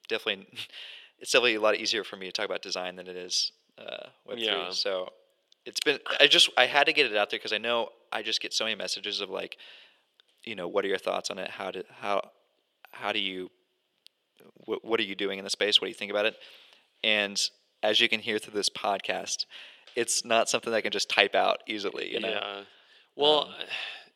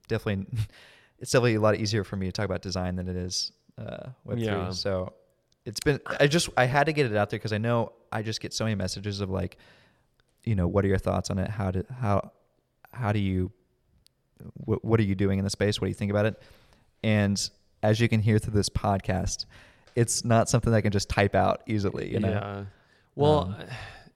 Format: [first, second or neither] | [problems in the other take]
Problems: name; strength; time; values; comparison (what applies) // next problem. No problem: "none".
second | thin; very; fading below 350 Hz